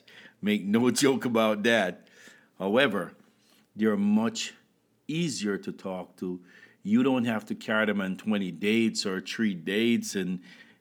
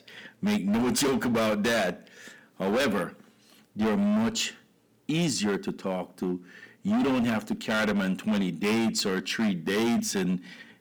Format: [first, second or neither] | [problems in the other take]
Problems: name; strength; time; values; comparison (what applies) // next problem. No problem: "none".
first | distortion; heavy; 18% of the sound clipped